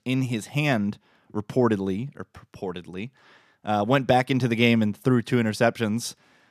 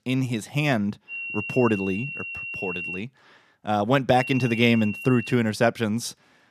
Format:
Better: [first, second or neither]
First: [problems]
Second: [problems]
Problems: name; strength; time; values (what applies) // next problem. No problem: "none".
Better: first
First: none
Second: high-pitched whine; loud; from 1 to 3 s and from 4 to 5.5 s; 2.5 kHz, 8 dB below the speech